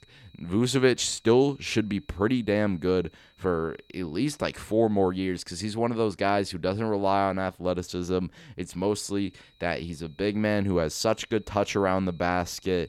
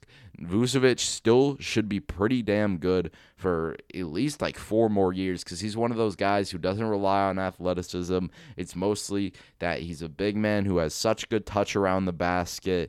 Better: second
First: high-pitched whine; faint; until 5.5 s and from 9 s on; 4 kHz, 35 dB below the speech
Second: none

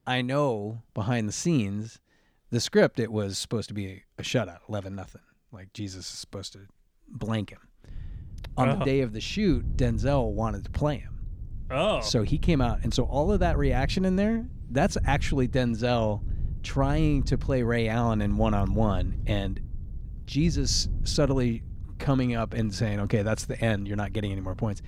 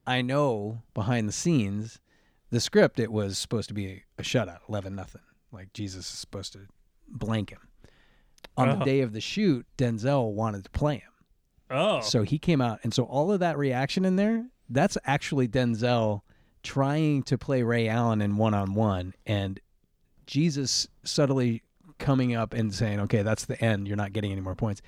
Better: second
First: wind noise on the microphone; occasional gusts; from 8 s on; 20 dB below the speech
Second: none

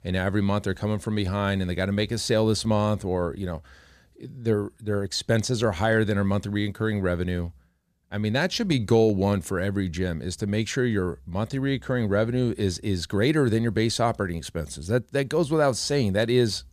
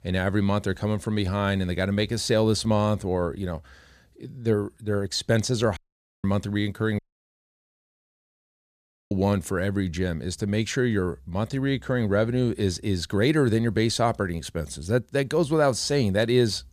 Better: first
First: none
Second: audio cutting out; at 6 s and at 7 s for 2 s

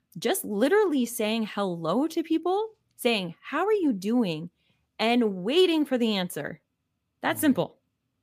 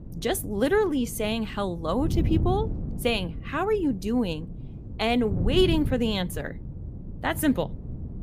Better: first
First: none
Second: wind noise on the microphone; occasional gusts; 15 dB below the speech

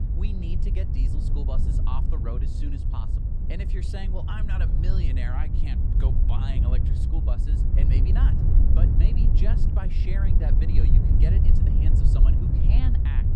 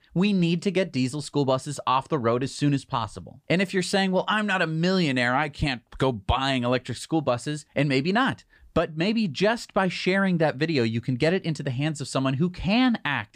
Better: second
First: wind noise on the microphone; heavy; 1 dB above the speech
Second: none

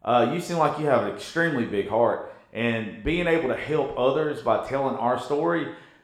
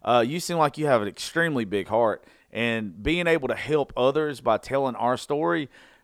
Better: second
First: room echo; slight; dies away in 0.7 s // off-mic speech; somewhat distant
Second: none

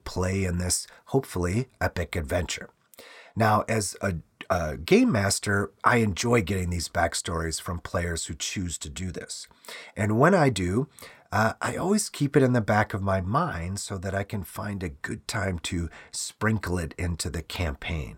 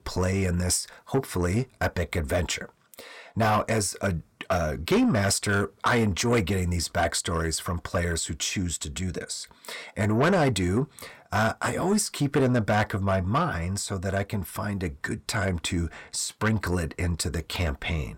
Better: first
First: none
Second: distortion; slight; 10 dB below the speech

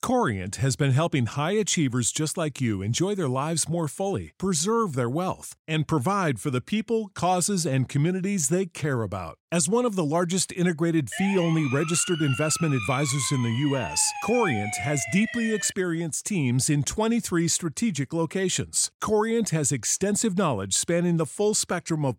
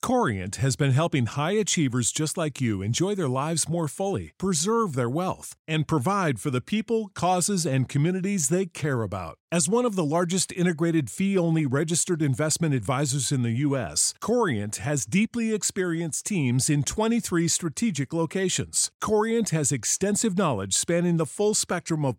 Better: second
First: siren; noticeable; from 11 to 16 s; peak 5 dB below the speech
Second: none

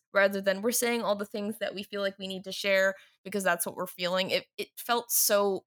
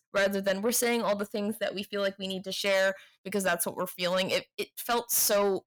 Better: first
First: none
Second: distortion; slight; 10 dB below the speech

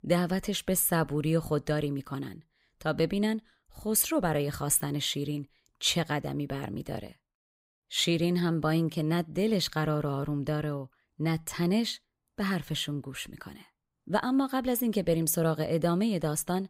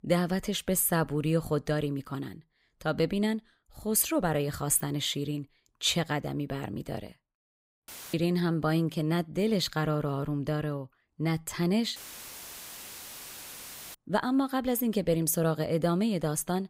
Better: first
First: none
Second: audio cutting out; filled with static; at 8 s and at 12 s for 2 s

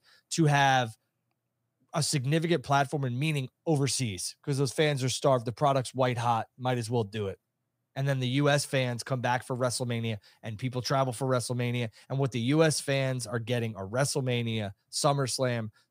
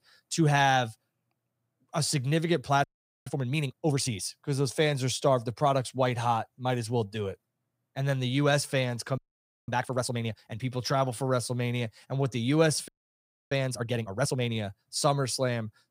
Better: first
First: none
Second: audio freezing; at 3 s, at 9 s for 0.5 s and at 13 s for 0.5 s

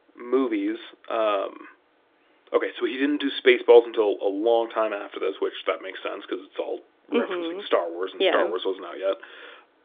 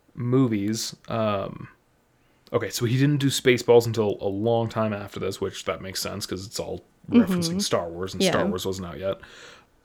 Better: second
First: phone-call audio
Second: none

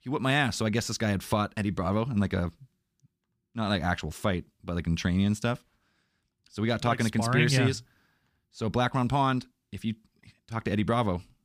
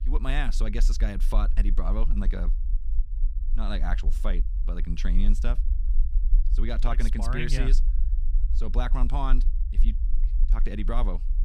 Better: first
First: none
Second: low rumble; noticeable; throughout; 15 dB below the speech

